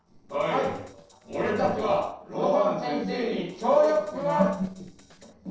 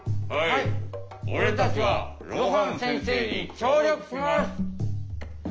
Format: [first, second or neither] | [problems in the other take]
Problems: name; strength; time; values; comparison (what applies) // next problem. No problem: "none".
second | noise reduction (neural separator model SepFormer DNS4)